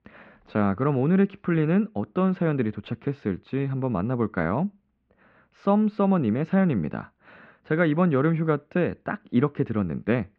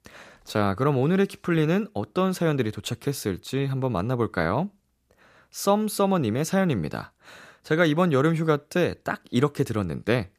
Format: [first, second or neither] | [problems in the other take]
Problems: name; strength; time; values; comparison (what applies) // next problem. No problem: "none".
second | muffled; very; fading above 2.5 kHz